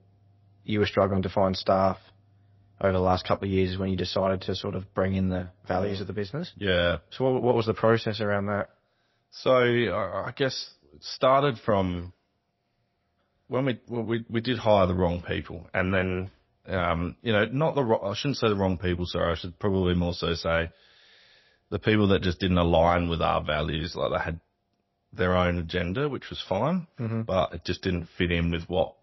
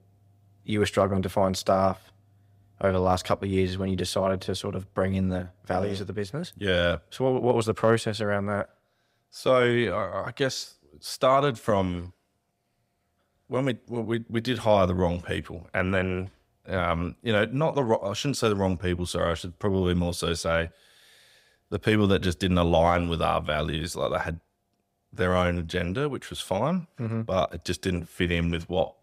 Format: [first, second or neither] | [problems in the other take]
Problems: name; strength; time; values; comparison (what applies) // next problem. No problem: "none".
second | garbled, watery; slightly; nothing above 5.5 kHz